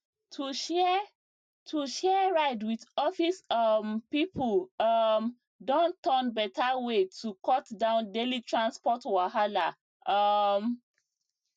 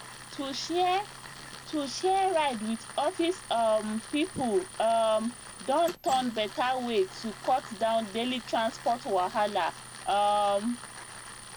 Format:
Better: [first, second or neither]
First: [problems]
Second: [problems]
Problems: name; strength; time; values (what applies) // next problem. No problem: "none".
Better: first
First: none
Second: background sound (Tools); 15 dB below the speech